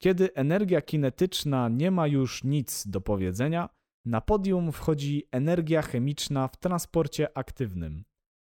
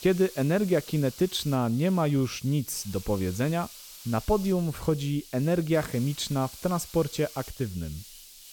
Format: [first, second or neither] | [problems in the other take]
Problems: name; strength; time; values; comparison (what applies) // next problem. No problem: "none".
first | hiss; noticeable; throughout; 15 dB below the speech